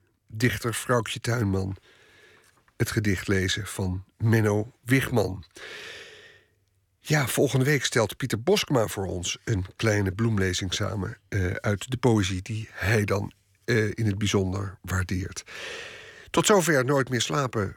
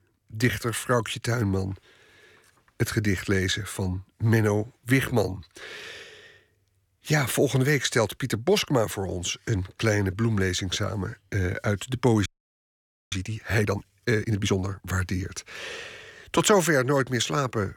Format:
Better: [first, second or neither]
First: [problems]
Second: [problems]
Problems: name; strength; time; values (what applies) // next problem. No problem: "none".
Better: first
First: none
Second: audio freezing; at 12 s for 1 s